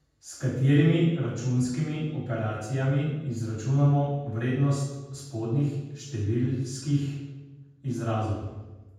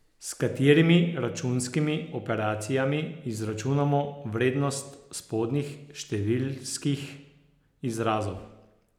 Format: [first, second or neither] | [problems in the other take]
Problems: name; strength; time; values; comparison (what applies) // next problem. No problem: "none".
second | room echo; dies away in 1.2 s